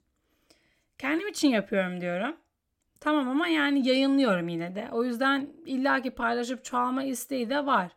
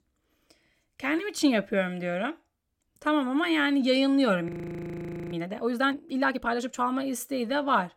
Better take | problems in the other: first | audio freezing; at 4.5 s for 1 s

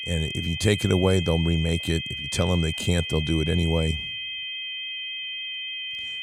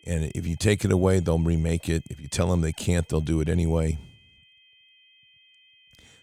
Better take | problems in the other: second | high-pitched whine; loud; throughout; 3 kHz, 5 dB below the speech; faint in the second

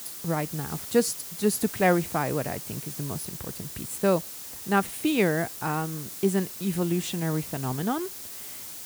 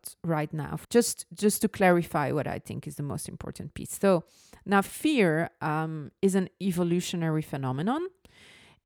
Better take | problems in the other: second | hiss; loud; throughout; 9 dB below the speech

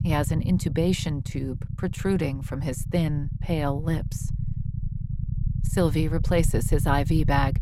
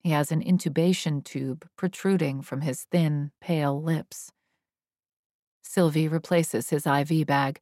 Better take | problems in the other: second | low rumble; noticeable; throughout; 15 dB below the speech

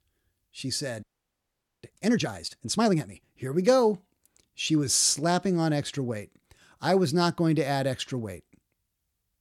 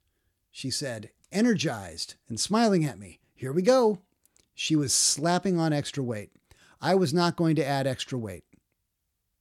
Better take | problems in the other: second | audio freezing; at 1 s for 1 s

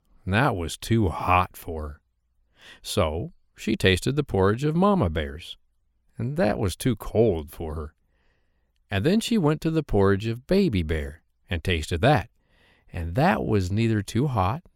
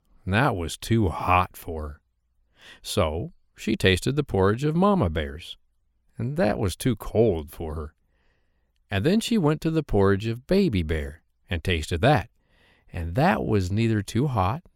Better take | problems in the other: neither | none

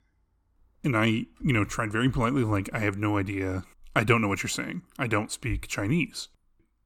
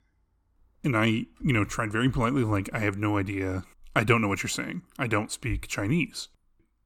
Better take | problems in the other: neither | none

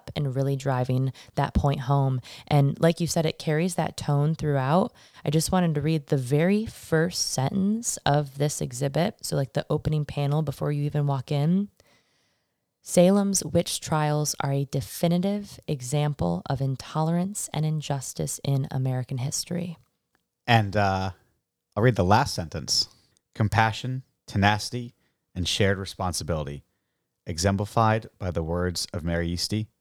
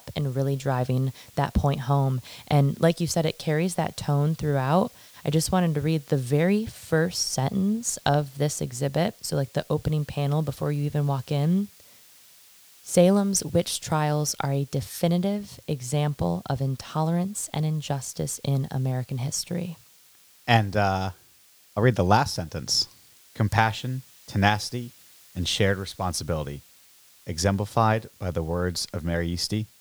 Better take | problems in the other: first | hiss; faint; throughout; 25 dB below the speech

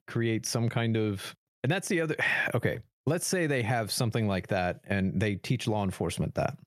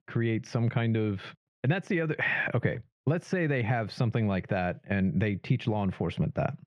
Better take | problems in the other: first | muffled; slightly; fading above 2.5 kHz

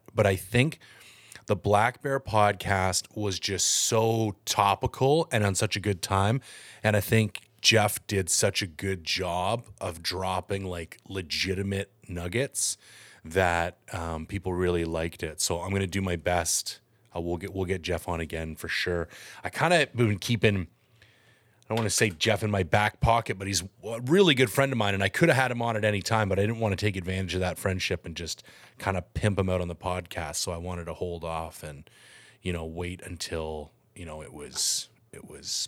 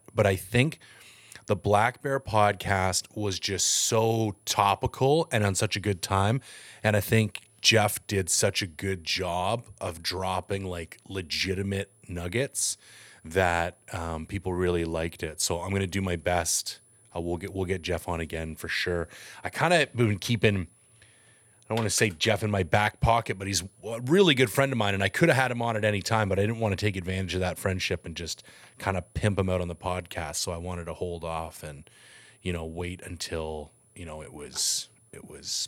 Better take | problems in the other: first | high-pitched whine; faint; throughout; 10 kHz, 30 dB below the speech

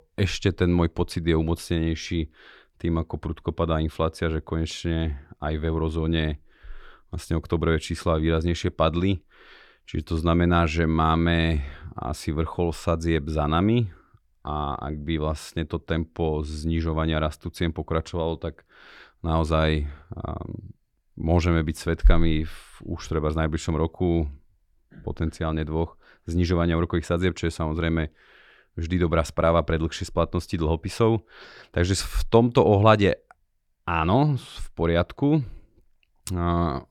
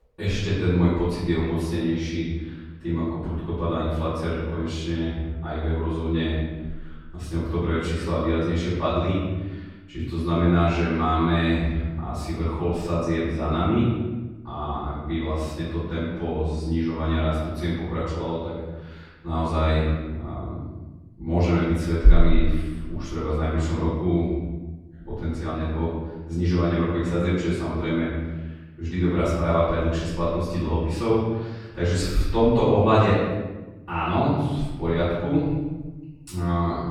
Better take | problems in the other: first | off-mic speech; far // room echo; strong; dies away in 1.2 s

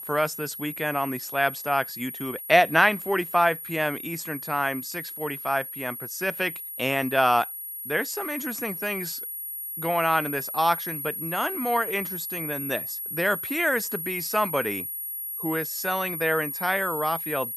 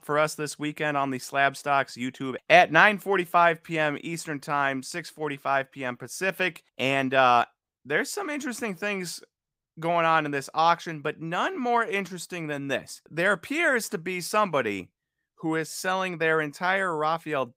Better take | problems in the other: second | high-pitched whine; loud; throughout; 11.5 kHz, 6 dB below the speech

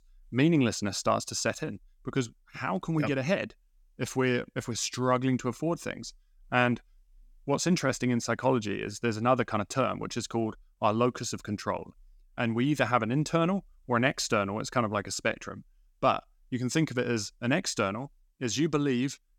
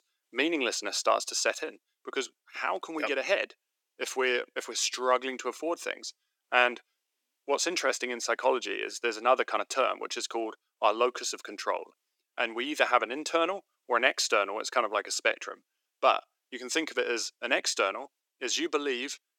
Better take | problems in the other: first | thin; very; fading below 350 Hz

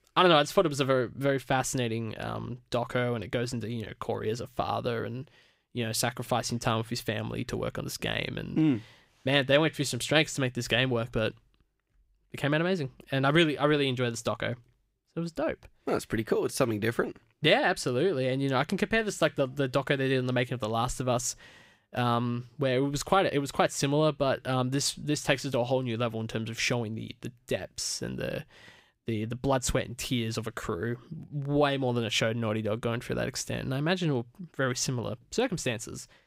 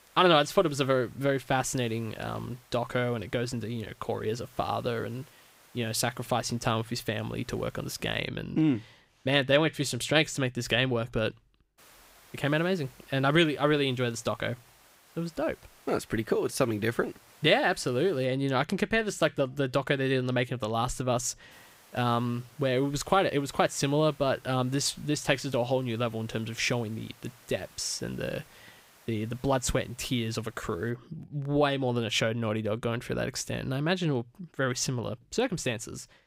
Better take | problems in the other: first | hiss; faint; until 8 s, from 12 to 18 s and from 22 to 31 s; 25 dB below the speech

